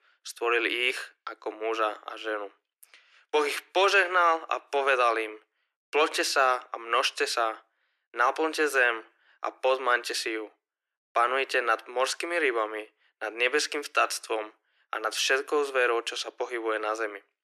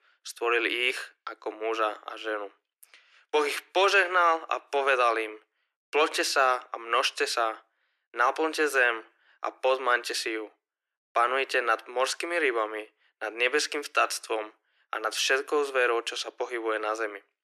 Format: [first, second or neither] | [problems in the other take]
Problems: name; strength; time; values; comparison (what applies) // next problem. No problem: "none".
neither | thin; very; fading below 300 Hz; the same in both